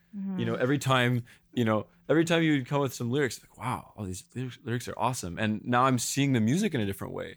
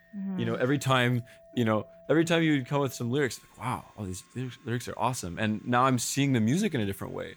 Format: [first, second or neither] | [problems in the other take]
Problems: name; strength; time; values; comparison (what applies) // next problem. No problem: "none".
first | household noises; faint; throughout; 30 dB below the speech